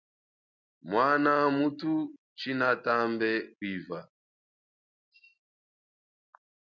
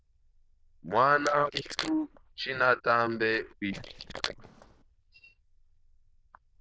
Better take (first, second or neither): first